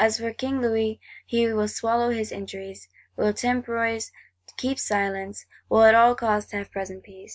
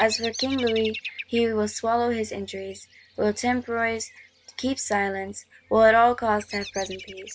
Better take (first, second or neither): first